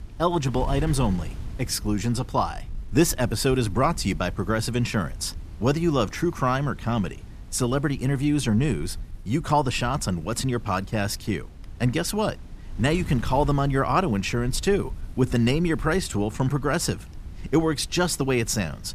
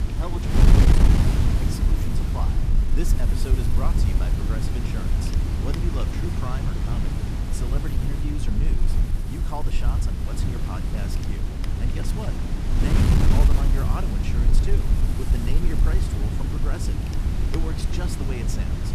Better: first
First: wind noise on the microphone; occasional gusts; 25 dB below the speech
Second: wind noise on the microphone; heavy; 3 dB above the speech

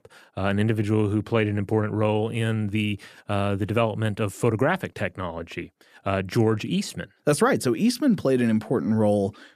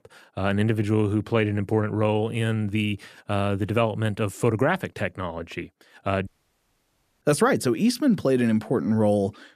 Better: first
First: none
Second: audio cutting out; at 6.5 s for 1 s

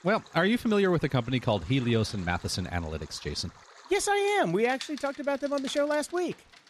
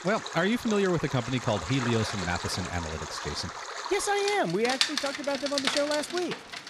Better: first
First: rain or running water; faint; throughout; 20 dB below the speech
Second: rain or running water; loud; throughout; 4 dB below the speech

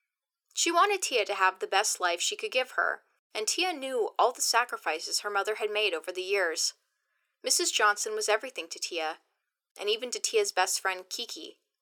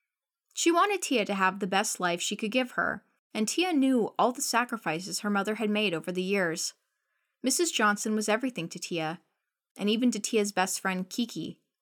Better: second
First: thin; very; fading below 400 Hz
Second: none

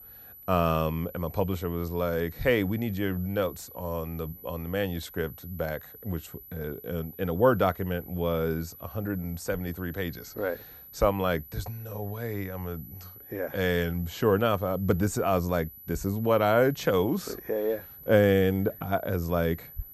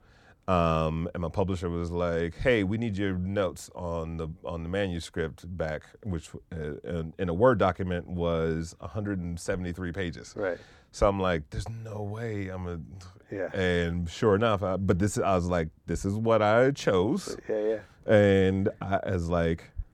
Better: second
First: high-pitched whine; noticeable; throughout; 12 kHz, 15 dB below the speech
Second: none

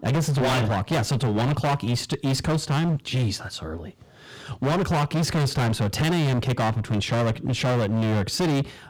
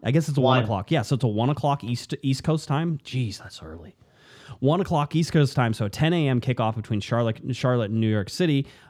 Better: second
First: distortion; heavy; 29% of the sound clipped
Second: none

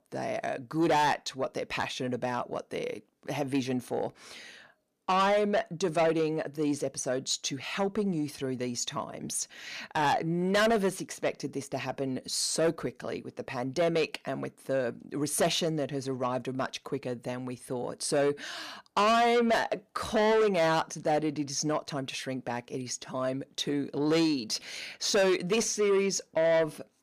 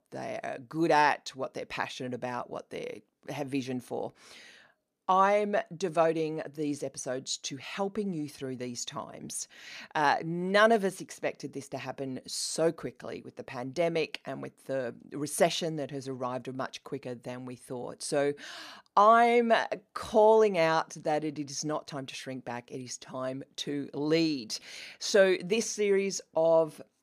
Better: second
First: distortion; heavy; 7 dB below the speech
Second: none

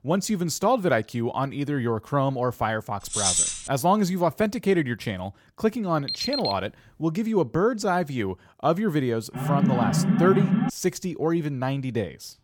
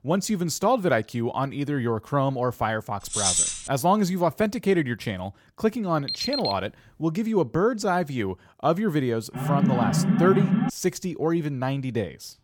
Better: neither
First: jangling keys; loud; at 3 s; peak 5 dB above the speech // alarm; noticeable; at 6 s; peak 2 dB below the speech // alarm; loud; from 9.5 to 11 s; peak 3 dB above the speech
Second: jangling keys; loud; at 3 s; peak 5 dB above the speech // alarm; noticeable; at 6 s; peak 2 dB below the speech // alarm; loud; from 9.5 to 11 s; peak 3 dB above the speech

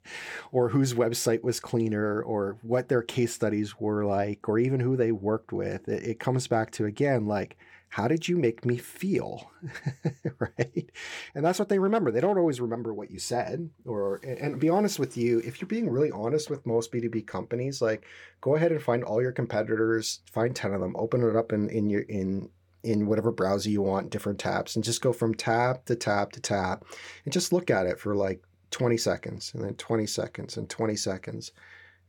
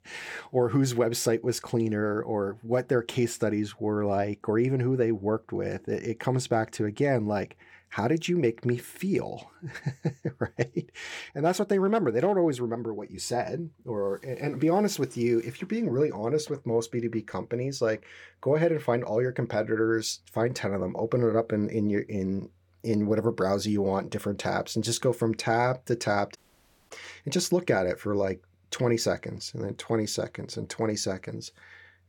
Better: first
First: none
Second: audio cutting out; at 26 s for 0.5 s

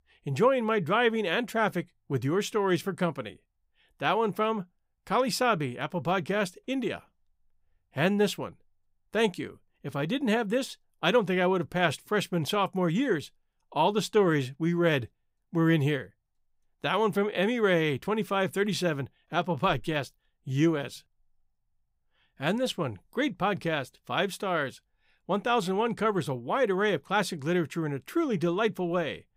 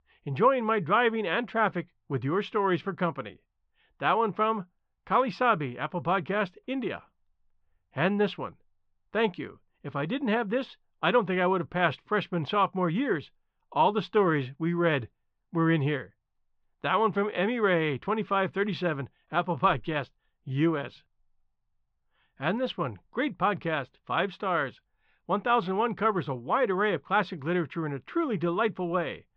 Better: first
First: none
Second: muffled; very; fading above 3.5 kHz

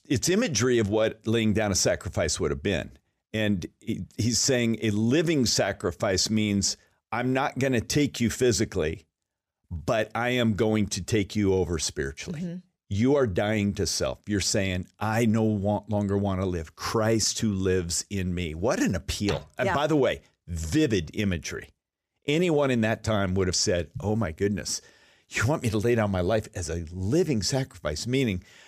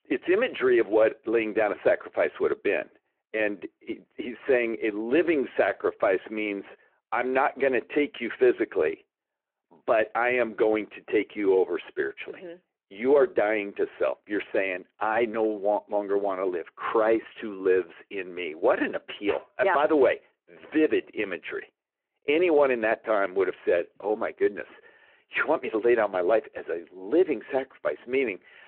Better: first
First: none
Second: phone-call audio

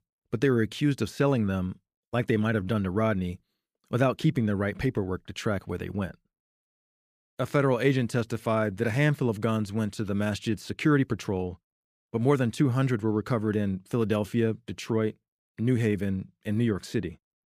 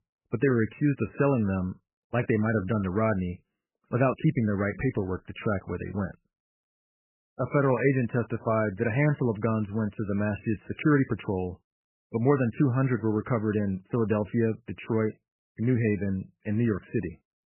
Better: first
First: none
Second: garbled, watery; badly; nothing above 3 kHz

